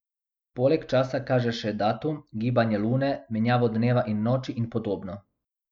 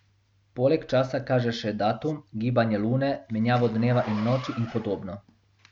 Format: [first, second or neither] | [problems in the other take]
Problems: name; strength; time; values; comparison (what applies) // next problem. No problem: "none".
first | background sound (Zipper (clothing)); 20 dB below the speech